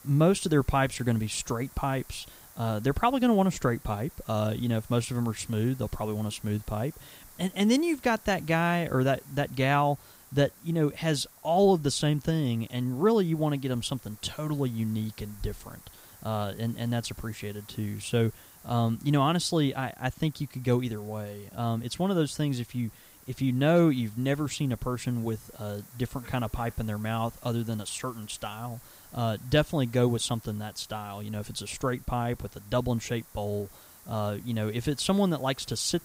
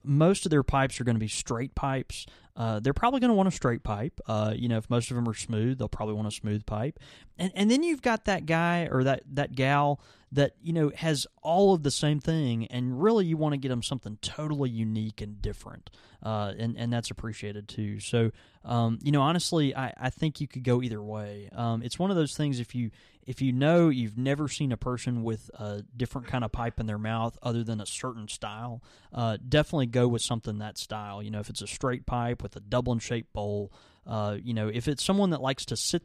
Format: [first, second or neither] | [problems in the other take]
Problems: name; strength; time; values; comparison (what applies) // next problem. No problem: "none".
second | hiss; faint; throughout; 20 dB below the speech